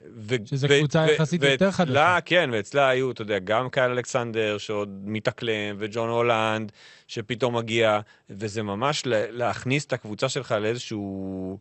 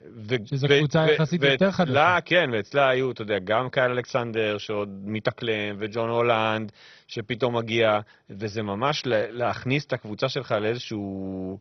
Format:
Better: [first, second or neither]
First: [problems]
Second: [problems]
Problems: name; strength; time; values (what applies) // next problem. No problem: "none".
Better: first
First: garbled, watery; slightly; nothing above 8 kHz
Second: garbled, watery; badly; nothing above 6 kHz